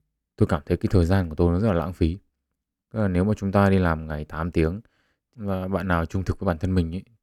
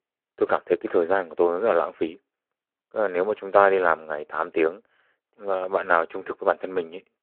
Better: first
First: none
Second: phone-call audio; nothing above 4 kHz

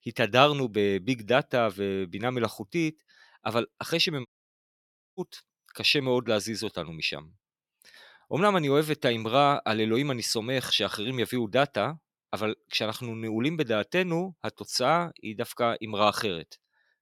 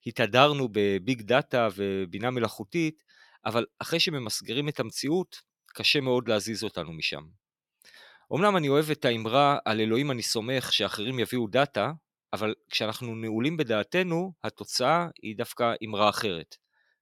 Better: second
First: audio cutting out; at 4.5 s for 1 s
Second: none

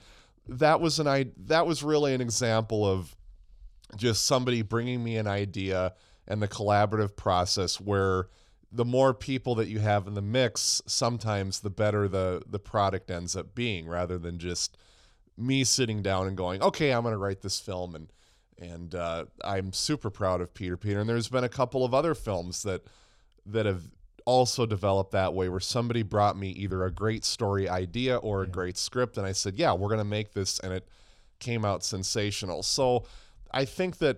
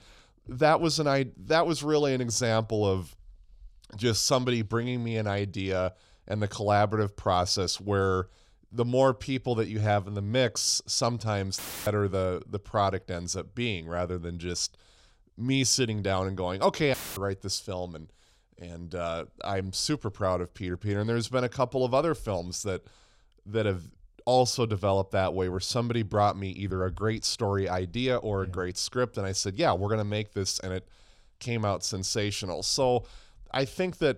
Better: first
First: none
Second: audio cutting out; filled with static; at 12 s and at 17 s

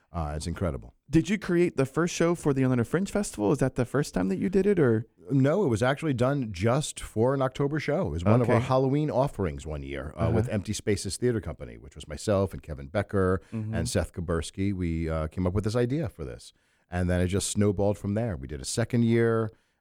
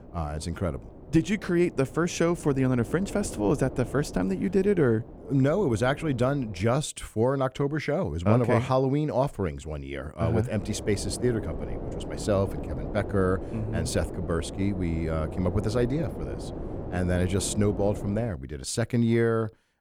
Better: first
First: none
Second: wind noise on the microphone; occasional gusts; until 7 s and from 11 to 18 s; 10 dB below the speech

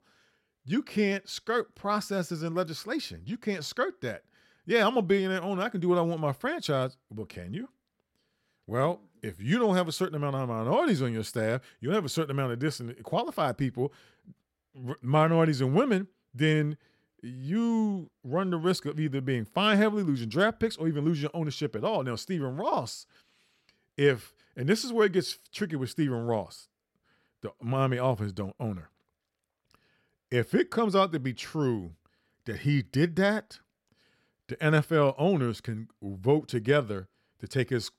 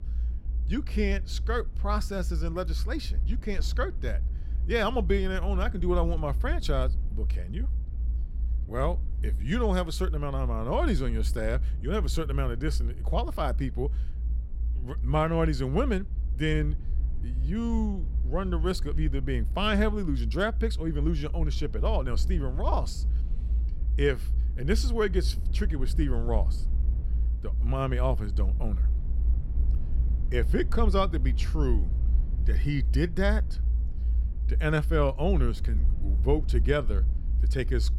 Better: first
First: none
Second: low rumble; noticeable; throughout; 20 dB below the speech

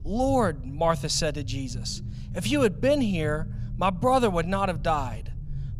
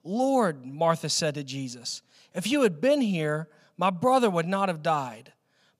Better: second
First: low rumble; faint; throughout; 25 dB below the speech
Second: none

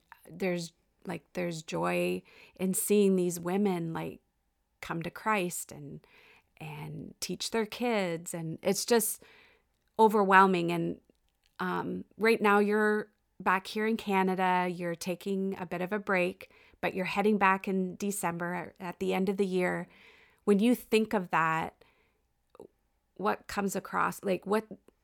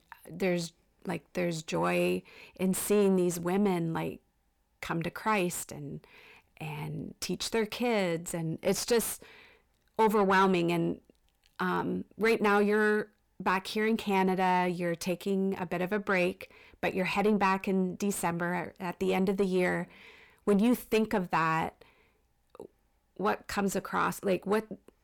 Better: first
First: none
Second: distortion; slight; 10 dB below the speech

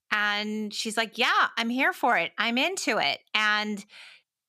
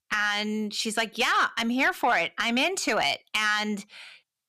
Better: first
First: none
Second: distortion; slight; 10 dB below the speech

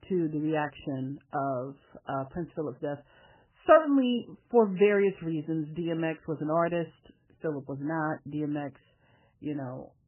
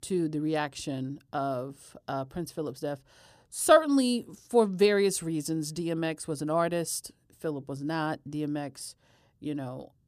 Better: second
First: garbled, watery; badly; nothing above 3 kHz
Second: none

